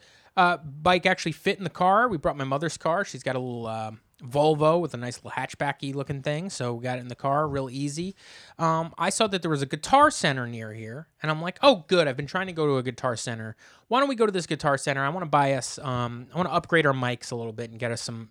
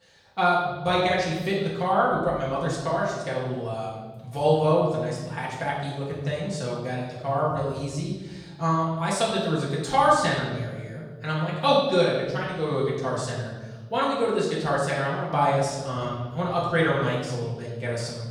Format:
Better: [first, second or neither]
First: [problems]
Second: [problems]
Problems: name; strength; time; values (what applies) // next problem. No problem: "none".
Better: first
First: none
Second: room echo; noticeable; dies away in 1.3 s // off-mic speech; far